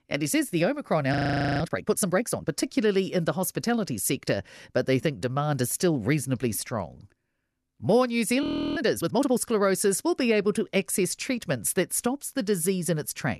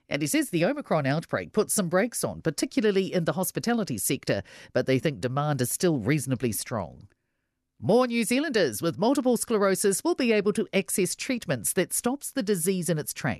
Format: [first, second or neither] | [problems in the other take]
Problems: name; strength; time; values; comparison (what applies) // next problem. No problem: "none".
second | audio freezing; at 1 s and at 8.5 s